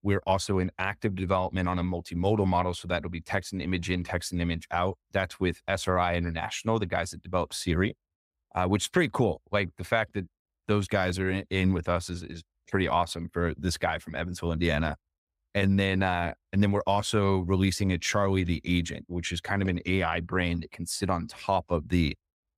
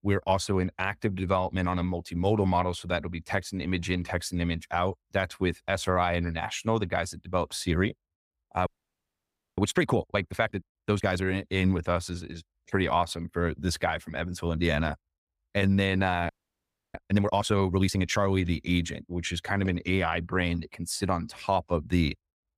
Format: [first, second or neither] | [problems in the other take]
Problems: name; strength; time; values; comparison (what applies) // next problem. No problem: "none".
first | audio freezing; at 8.5 s for 1 s and at 16 s for 0.5 s